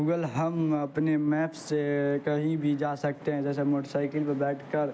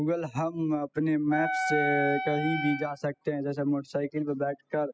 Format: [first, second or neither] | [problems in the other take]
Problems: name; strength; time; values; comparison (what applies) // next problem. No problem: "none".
first | noise reduction (classical method spectral subtraction)